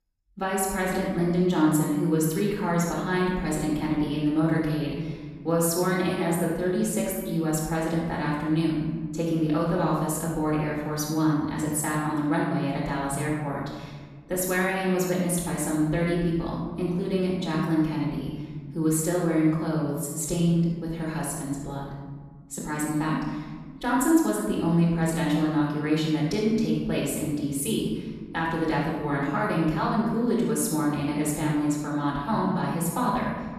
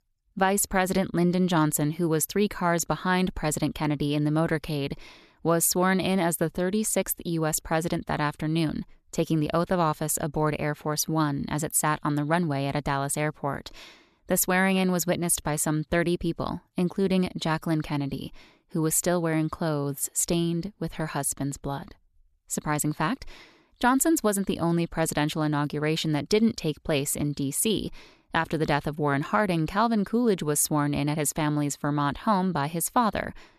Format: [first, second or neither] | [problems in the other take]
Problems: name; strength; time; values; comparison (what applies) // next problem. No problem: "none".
second | off-mic speech; far // room echo; noticeable; dies away in 1.6 s